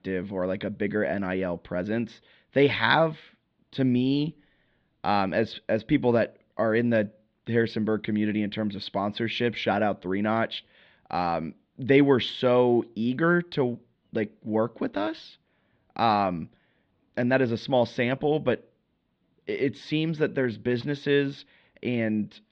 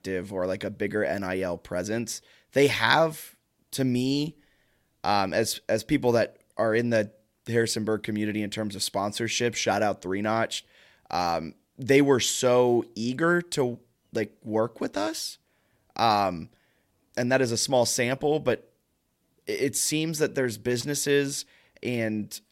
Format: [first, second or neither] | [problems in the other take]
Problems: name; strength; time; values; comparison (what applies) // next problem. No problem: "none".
second | muffled; slightly; fading above 3.5 kHz